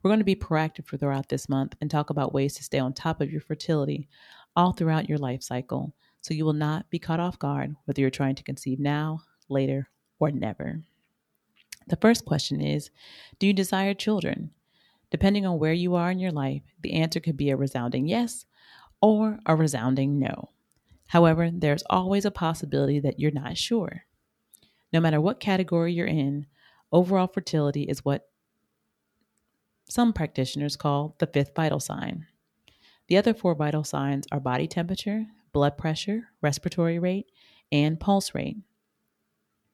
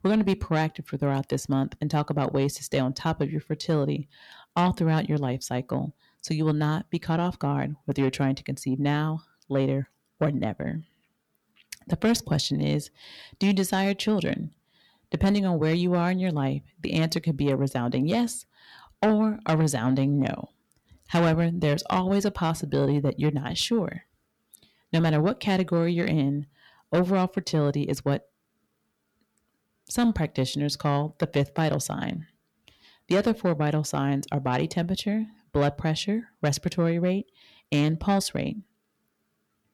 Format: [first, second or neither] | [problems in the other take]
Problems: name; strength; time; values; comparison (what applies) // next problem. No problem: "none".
first | distortion; slight; 10 dB below the speech